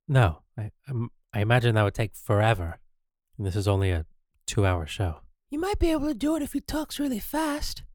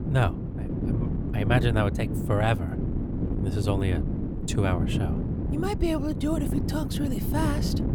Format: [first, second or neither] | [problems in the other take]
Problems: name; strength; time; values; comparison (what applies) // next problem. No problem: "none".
first | wind noise on the microphone; heavy; 6 dB below the speech